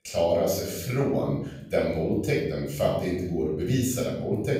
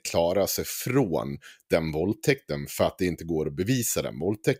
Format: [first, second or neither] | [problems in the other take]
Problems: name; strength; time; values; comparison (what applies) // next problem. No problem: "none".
second | off-mic speech; far // room echo; noticeable; dies away in 1.1 s